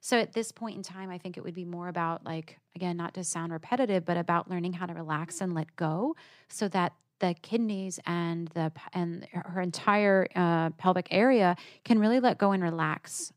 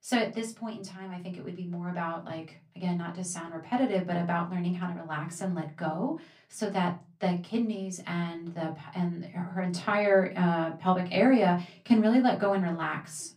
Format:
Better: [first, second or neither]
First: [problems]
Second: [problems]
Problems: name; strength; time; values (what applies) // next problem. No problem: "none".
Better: first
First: none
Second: off-mic speech; far // room echo; very slight; dies away in 0.3 s